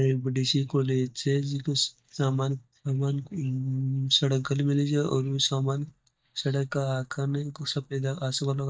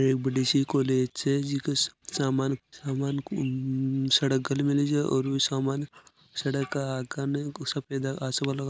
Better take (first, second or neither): second